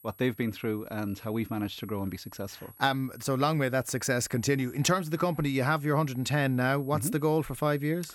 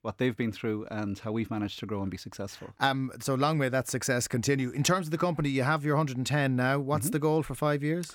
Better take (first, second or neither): second